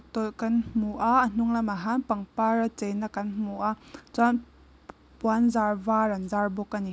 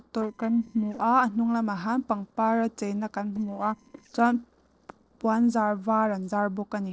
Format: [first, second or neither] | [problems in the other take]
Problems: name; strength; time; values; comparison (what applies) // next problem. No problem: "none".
first | noise reduction (neural separator model SepFormer DNS4)